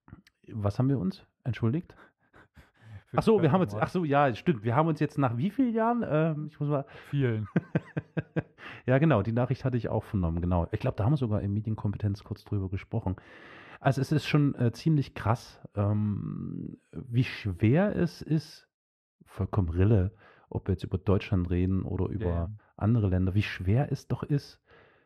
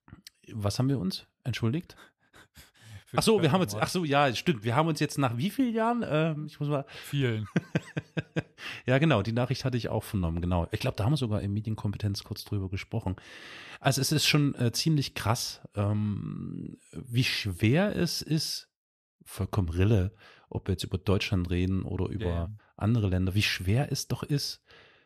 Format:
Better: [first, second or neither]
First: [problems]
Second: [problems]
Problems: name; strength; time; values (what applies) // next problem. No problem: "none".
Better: second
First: muffled; very; fading above 3 kHz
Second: none